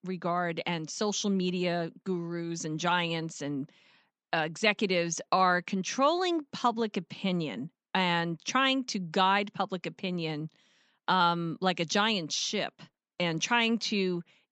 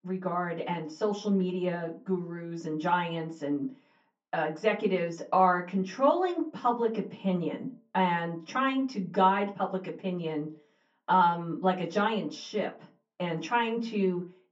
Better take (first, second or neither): first